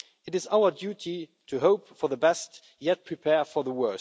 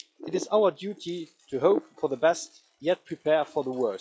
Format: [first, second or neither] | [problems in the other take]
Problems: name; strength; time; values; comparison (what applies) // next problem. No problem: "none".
first | noise reduction (classical method log-MMSE)